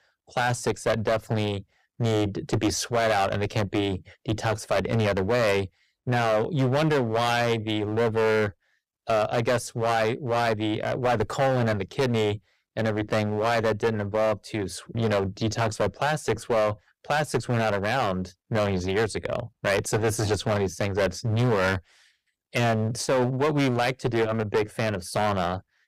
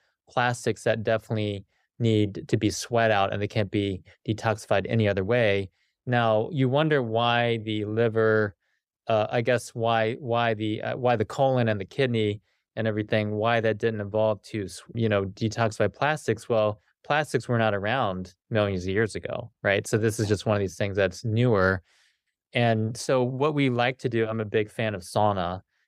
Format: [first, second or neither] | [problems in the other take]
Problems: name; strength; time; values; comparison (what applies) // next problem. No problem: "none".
second | distortion; heavy; 14% of the sound clipped